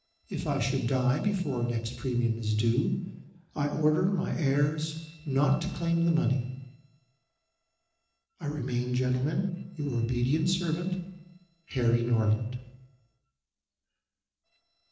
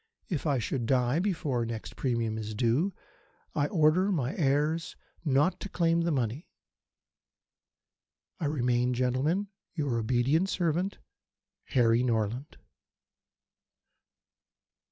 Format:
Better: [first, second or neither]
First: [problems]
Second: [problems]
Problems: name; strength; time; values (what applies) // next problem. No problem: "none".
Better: second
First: noise reduction (neural separator model SepFormer DNS4)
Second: none